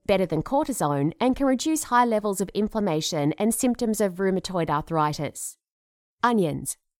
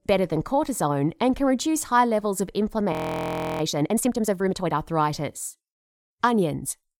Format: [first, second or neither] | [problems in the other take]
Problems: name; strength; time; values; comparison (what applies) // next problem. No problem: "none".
first | audio freezing; at 3 s for 0.5 s